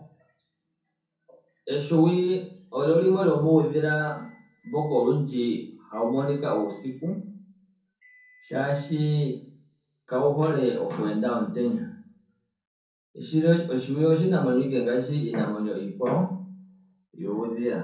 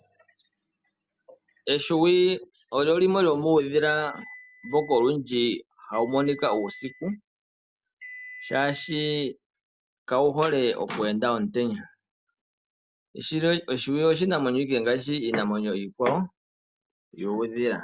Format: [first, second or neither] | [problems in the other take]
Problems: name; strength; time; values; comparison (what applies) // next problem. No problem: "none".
second | room echo; dies away in 0.5 s